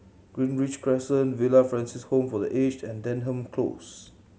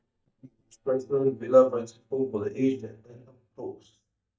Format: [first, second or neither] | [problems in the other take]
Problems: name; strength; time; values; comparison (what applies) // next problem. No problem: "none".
first | noise reduction (neural mask model DeepFilterNet 3)